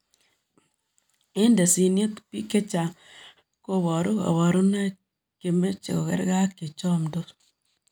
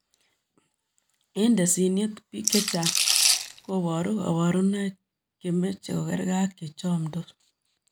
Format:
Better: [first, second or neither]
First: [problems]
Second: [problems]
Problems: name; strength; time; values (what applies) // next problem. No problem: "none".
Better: first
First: none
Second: background sound (Rattle / Rattle (instrument)); 3 dB above the speech